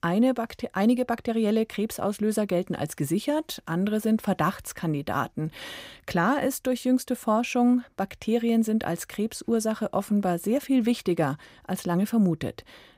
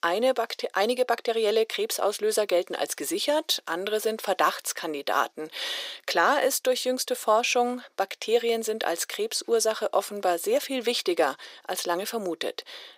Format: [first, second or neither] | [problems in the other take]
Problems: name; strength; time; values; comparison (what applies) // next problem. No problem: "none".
first | thin; very; fading below 400 Hz